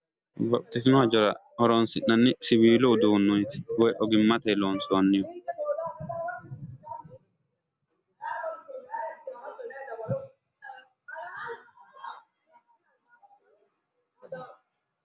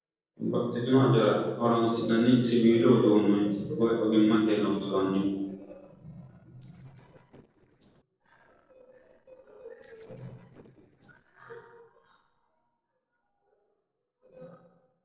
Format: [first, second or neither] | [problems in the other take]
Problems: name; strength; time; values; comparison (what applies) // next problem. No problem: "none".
first | noise reduction (neural separator model SepFormer DNS4)